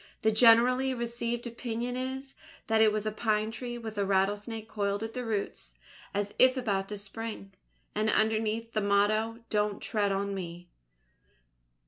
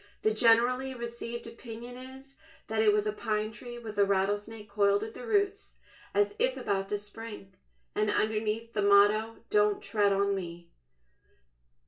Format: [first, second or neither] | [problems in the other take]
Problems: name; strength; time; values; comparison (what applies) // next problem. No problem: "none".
first | room echo; dies away in 0.2 s